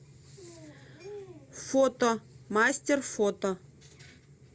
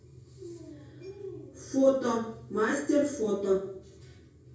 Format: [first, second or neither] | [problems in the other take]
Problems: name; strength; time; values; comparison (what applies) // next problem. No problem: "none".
first | room echo; dies away in 0.6 s